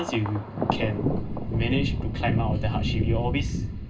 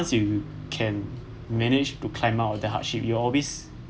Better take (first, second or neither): second